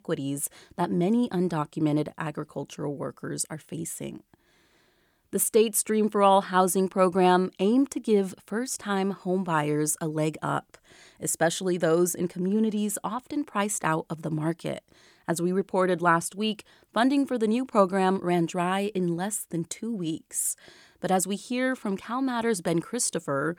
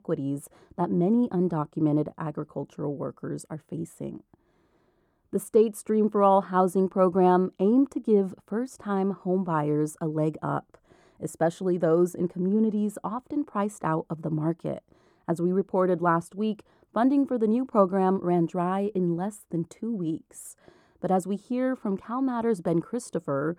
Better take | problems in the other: first | muffled; slightly; fading above 1 kHz

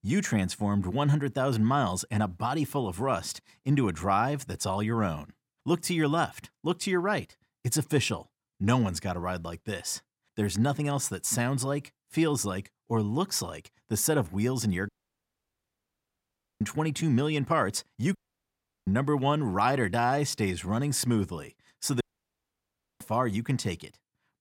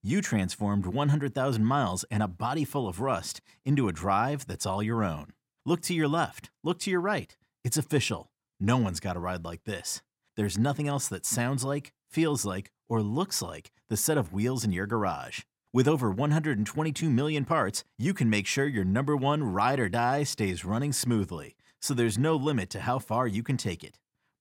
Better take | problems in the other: second | audio cutting out; at 15 s for 1.5 s, at 18 s for 0.5 s and at 22 s for 1 s

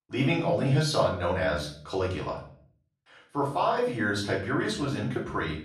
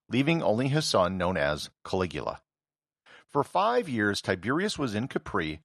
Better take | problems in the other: second | off-mic speech; far // room echo; slight; dies away in 0.5 s

